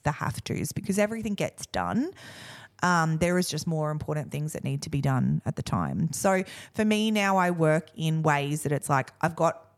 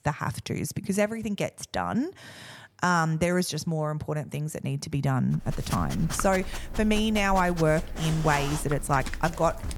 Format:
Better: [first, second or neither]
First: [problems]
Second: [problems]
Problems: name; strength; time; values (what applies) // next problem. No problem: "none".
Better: first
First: none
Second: dog barking; noticeable; from 5.5 s on; peak 6 dB below the speech